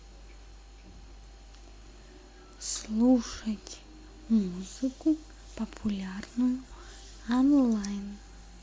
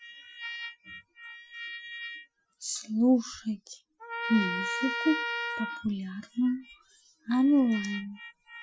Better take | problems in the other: first | noise reduction (classical method Wiener filter)

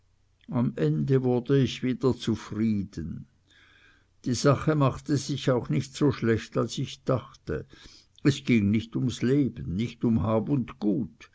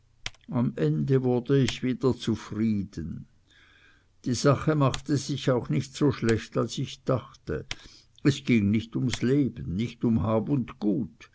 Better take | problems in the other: first | background sound (Typing); 19 dB below the speech

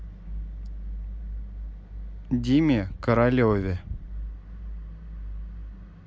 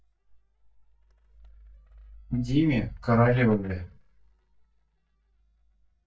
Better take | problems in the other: first | noise reduction (neural mask model DeepFilterNet 3)

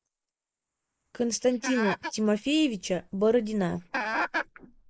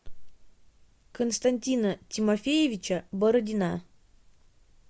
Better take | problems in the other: second | noise reduction (neural mask model Resemble Enhance denoiser)

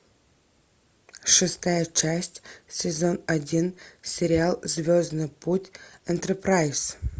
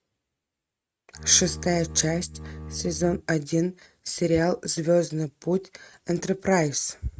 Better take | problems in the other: first | noise reduction (neural mask model RNNoise)

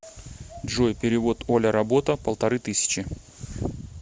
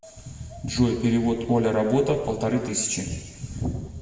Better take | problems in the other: first | room echo; dies away in 1.4 s

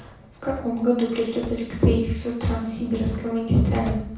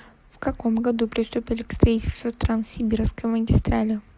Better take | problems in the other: second | background sound (Drawer open or close); 15 dB below the speech // room echo; dies away in 0.6 s

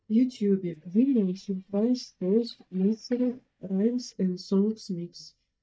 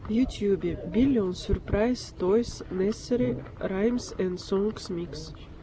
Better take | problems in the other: second | noise reduction (neural mask model DeepFilterNet 3)

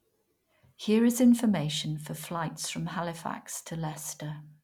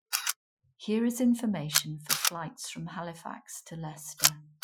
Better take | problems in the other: first | noise reduction (classical method Wiener filter)

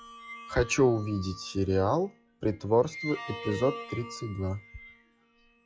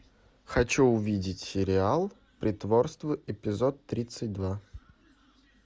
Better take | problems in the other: second | noise reduction (classical method log-MMSE)

